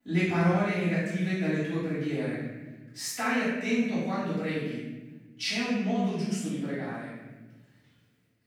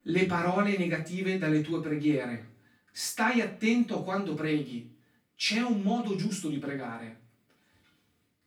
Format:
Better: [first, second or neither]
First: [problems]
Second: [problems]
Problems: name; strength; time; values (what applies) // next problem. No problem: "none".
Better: second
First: room echo; strong; dies away in 1.3 s // off-mic speech; far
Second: room echo; slight; dies away in 0.3 s // off-mic speech; far